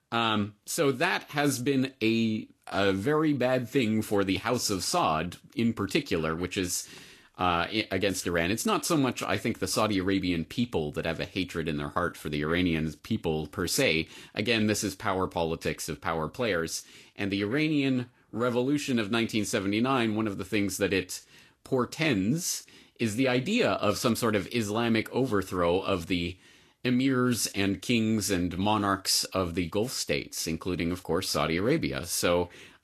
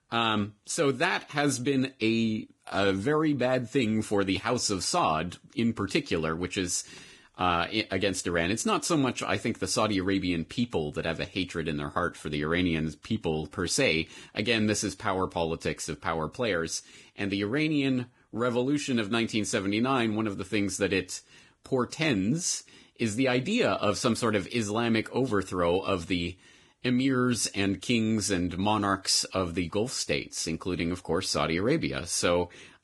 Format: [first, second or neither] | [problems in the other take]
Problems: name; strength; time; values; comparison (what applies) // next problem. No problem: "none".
first | garbled, watery; badly; nothing above 10.5 kHz; slightly in the first